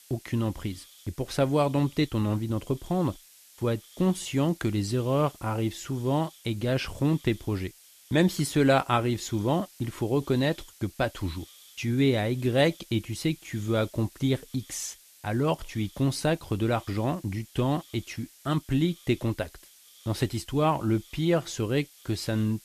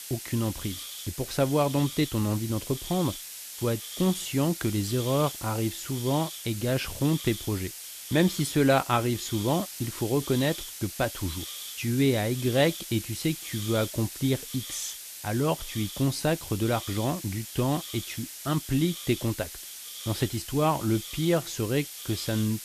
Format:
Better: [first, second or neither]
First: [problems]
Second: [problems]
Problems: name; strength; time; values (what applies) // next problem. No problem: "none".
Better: first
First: hiss; faint; throughout; 25 dB below the speech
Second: hiss; loud; throughout; 9 dB below the speech